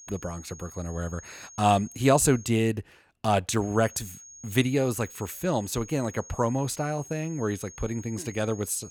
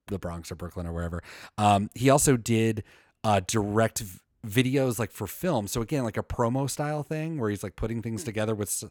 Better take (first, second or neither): second